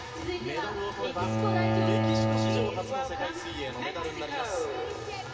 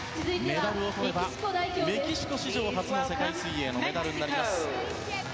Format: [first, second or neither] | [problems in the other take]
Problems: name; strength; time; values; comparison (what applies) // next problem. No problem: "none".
second | background sound (Bowed string instrument); 3 dB above the speech // room echo; dies away in 0.2 s